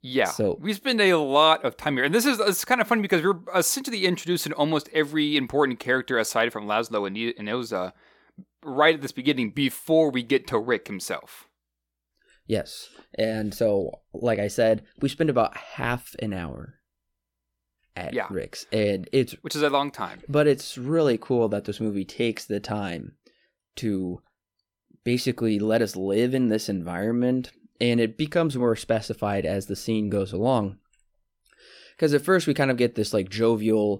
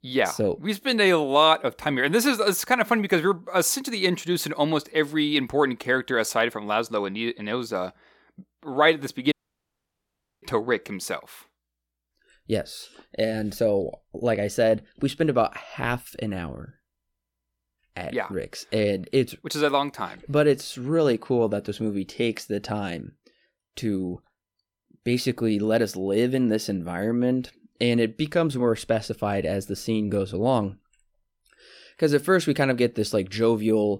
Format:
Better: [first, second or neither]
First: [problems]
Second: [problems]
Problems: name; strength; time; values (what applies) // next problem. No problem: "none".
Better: first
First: none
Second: audio cutting out; at 9.5 s for 1 s